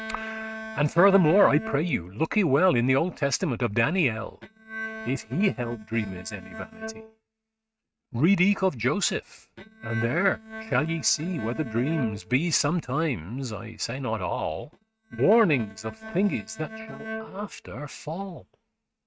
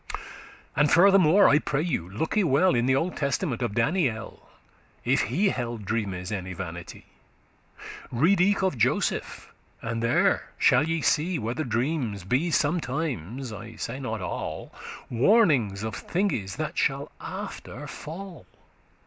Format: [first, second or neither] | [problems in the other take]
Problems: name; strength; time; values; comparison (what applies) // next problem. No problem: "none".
second | noise reduction (neural mask model RNNoise)